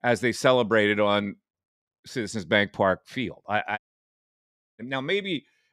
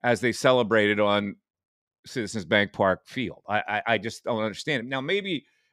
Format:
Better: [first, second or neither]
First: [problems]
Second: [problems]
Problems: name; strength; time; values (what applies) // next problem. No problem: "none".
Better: second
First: audio cutting out; at 4 s for 1 s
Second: none